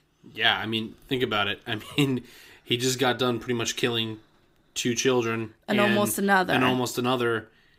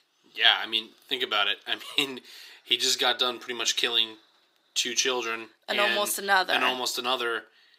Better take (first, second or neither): first